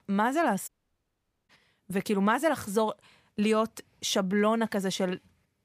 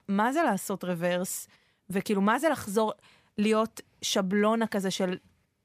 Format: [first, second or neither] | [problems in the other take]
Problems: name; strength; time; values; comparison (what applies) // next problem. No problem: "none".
second | audio cutting out; at 0.5 s for 1 s